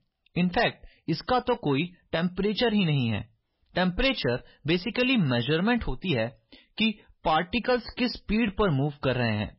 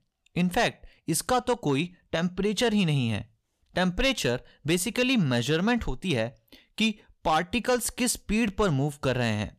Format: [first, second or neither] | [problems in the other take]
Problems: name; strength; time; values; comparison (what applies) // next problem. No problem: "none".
second | garbled, watery; badly; nothing above 5.5 kHz